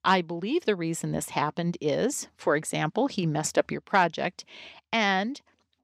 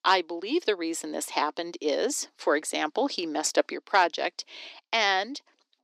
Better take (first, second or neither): first